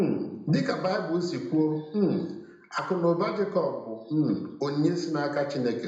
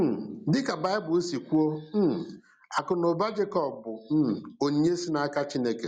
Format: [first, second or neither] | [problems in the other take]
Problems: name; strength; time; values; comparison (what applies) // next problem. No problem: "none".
second | room echo; dies away in 0.7 s